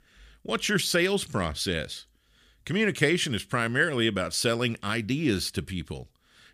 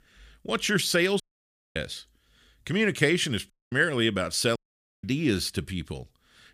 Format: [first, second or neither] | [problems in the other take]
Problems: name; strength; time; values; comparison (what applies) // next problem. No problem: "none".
first | audio cutting out; at 1 s for 0.5 s, at 3.5 s and at 4.5 s